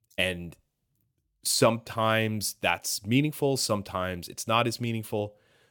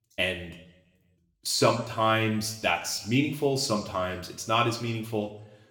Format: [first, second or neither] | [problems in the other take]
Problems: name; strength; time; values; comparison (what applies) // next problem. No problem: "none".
first | room echo; slight; dies away in 0.7 s // off-mic speech; somewhat distant